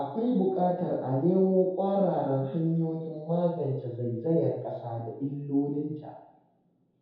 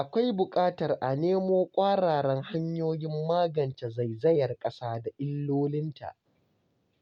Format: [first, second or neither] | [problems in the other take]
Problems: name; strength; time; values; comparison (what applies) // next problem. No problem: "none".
second | room echo; dies away in 0.8 s